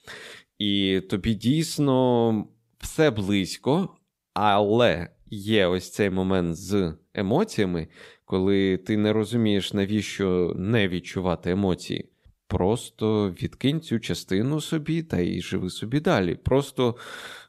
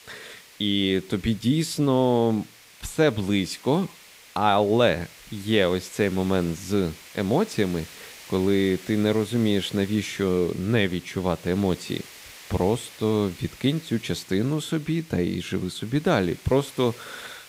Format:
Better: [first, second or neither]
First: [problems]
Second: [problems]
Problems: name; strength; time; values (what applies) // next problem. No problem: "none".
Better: first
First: none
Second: hiss; noticeable; throughout; 20 dB below the speech